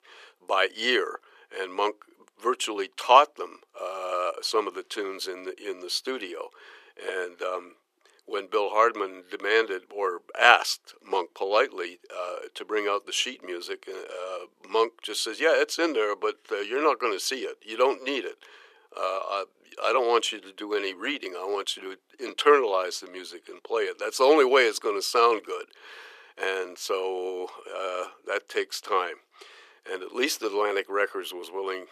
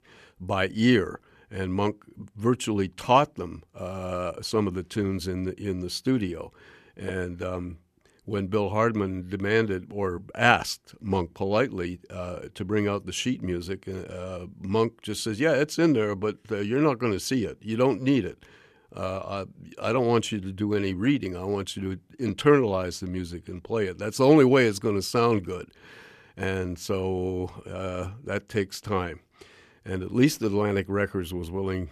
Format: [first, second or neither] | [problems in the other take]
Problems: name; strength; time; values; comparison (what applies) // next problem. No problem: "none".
second | thin; very; fading below 400 Hz